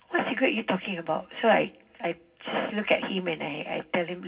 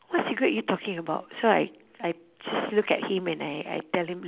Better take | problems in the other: second | room echo; dies away in 0.4 s

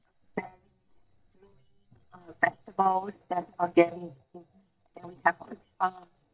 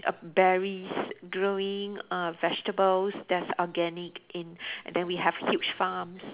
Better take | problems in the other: second | noise reduction (neural mask model DeepFilterNet 3)

